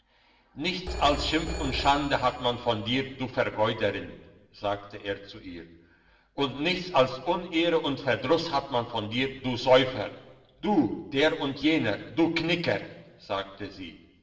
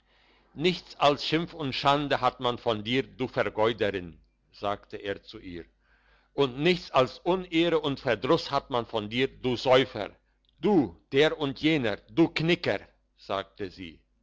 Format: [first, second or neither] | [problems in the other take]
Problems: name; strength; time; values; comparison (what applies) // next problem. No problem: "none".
second | background sound (Telephone); 10 dB below the speech // room echo; dies away in 1.1 s